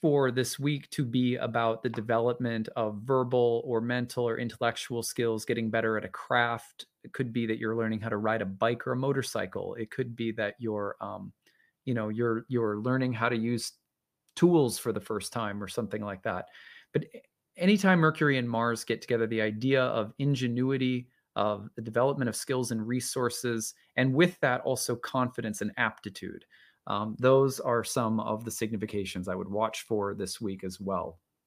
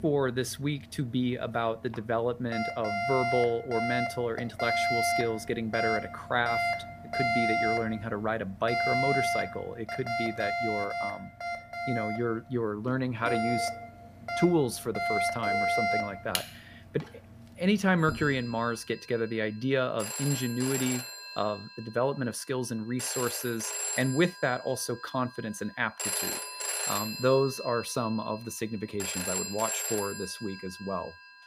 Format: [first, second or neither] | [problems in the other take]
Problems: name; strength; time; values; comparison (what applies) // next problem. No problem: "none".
first | alarms or sirens; loud; throughout; as loud as the speech